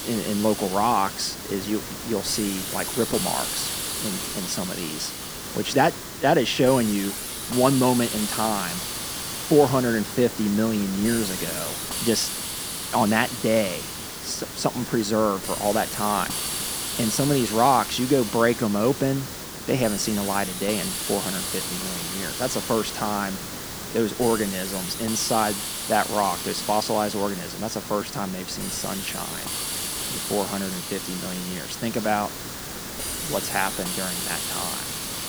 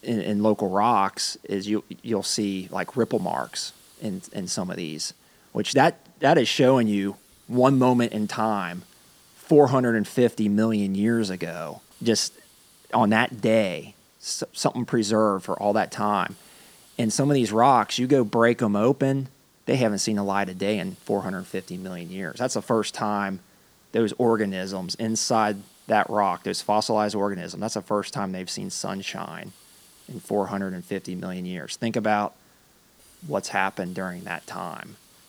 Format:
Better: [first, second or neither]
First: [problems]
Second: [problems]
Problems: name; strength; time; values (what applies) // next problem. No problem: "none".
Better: second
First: hiss; loud; throughout; 4 dB below the speech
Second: hiss; faint; throughout; 30 dB below the speech